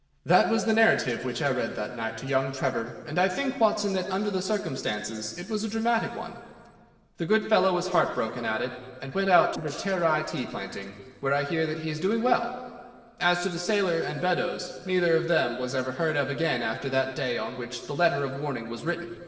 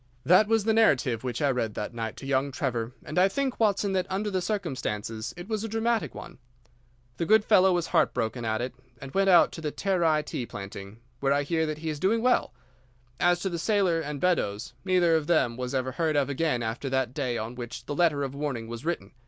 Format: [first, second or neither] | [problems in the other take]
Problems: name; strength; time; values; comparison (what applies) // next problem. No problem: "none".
second | noise reduction (neural separator model SepFormer DNS4)